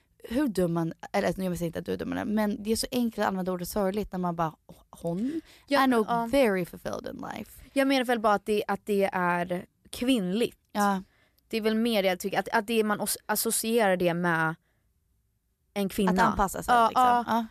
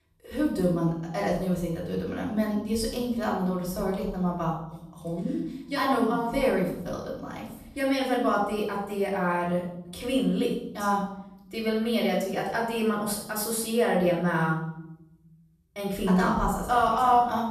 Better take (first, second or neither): first